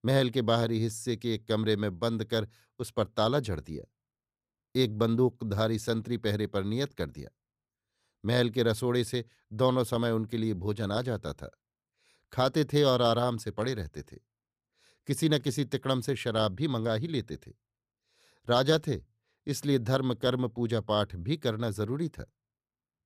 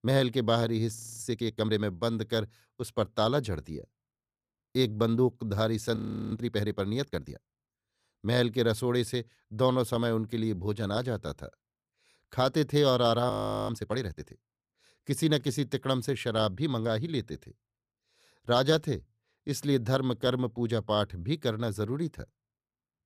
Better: first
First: none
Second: audio freezing; at 1 s, at 6 s and at 13 s

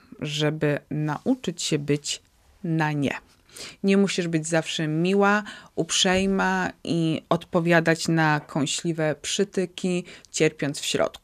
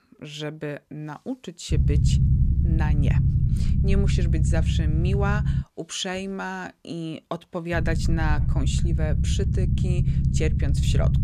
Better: first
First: none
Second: low rumble; loud; from 1.5 to 5.5 s and from 7.5 s on; 4 dB below the speech

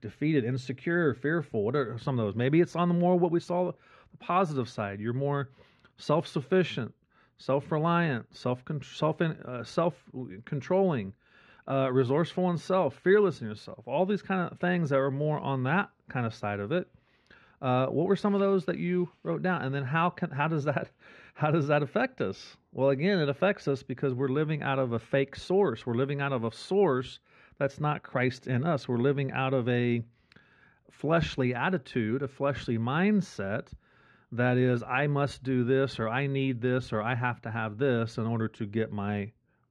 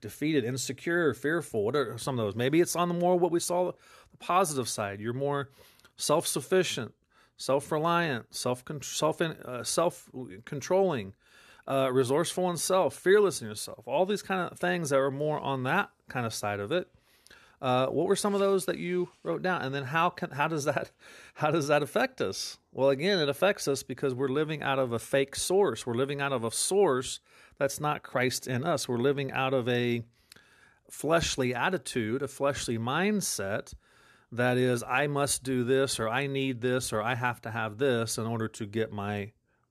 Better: second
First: muffled; slightly; fading above 2.5 kHz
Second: none

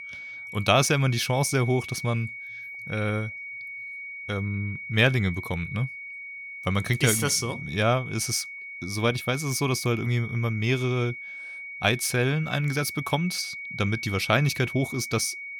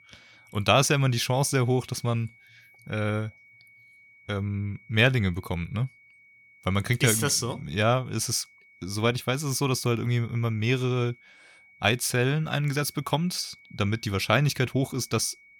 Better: second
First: high-pitched whine; loud; throughout; 2 kHz, 10 dB below the speech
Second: high-pitched whine; faint; throughout; 2 kHz, 25 dB below the speech

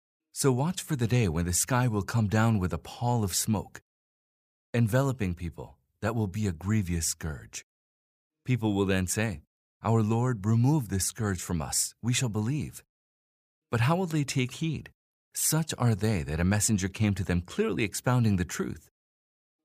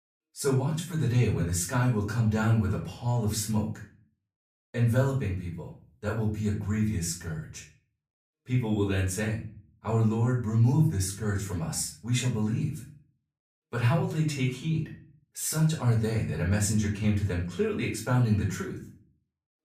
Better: first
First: none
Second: off-mic speech; far // room echo; slight; dies away in 0.4 s

